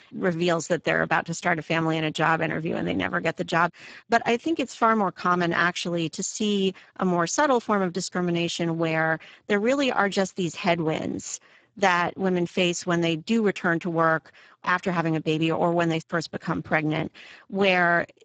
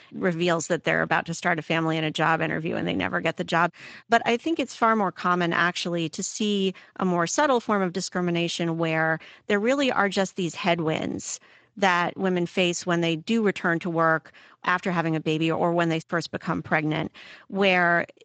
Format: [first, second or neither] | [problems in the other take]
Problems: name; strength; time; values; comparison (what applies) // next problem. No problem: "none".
second | garbled, watery; badly; nothing above 7.5 kHz; slightly in the second